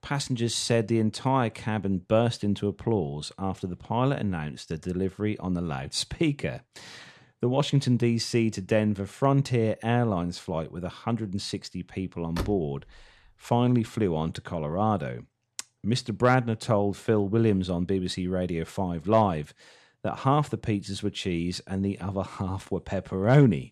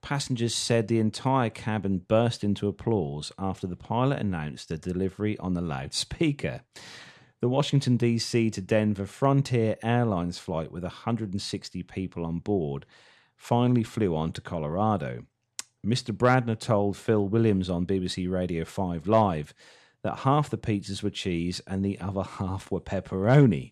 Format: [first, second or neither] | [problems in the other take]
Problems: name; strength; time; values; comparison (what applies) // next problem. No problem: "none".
second | door banging; noticeable; at 12 s; peak 8 dB below the speech